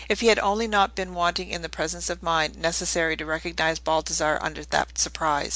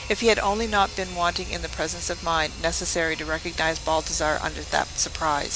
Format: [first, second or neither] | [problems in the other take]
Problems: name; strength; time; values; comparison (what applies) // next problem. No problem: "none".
first | background sound (Bird vocalization, bird call, bird song + Sawing); 11 dB below the speech